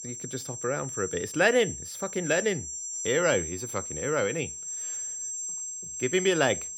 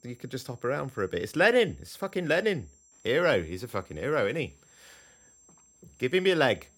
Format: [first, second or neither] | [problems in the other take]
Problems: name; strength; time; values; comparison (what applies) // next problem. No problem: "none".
second | high-pitched whine; loud; throughout; 7.5 kHz, 5 dB below the speech; faint in the second